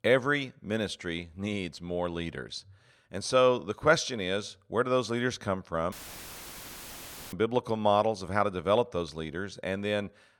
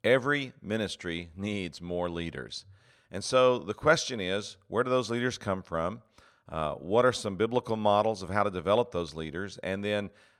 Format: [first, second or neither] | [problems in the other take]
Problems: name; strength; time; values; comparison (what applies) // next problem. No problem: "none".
second | audio cutting out; filled with static; at 6 s for 1.5 s